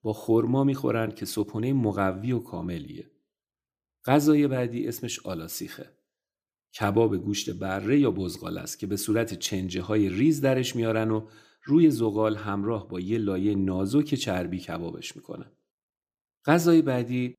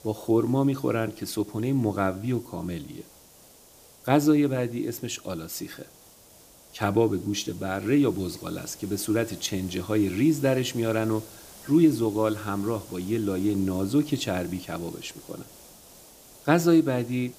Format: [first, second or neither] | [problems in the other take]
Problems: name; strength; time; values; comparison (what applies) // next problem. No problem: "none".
first | hiss; faint; throughout; 20 dB below the speech